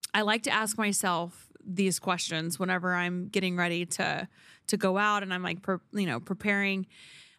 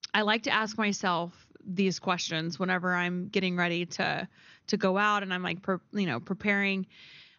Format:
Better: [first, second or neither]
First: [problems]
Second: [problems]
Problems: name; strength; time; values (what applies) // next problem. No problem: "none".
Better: first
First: none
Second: garbled, watery; slightly; nothing above 6.5 kHz